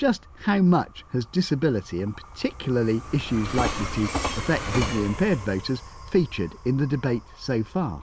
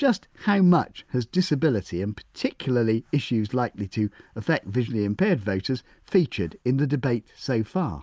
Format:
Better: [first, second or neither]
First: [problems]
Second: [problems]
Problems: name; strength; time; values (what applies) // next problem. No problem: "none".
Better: second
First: background sound (Train); 9 dB below the speech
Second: none